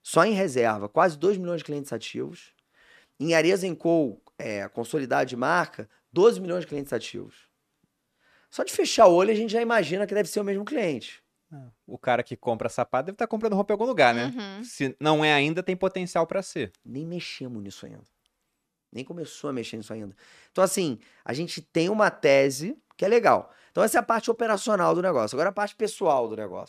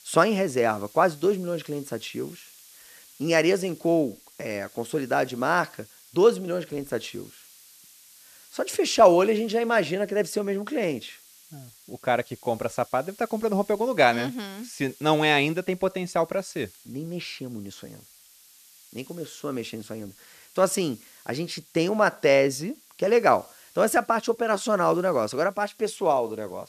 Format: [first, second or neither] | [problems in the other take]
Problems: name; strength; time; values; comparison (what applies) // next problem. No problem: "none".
first | hiss; faint; throughout; 25 dB below the speech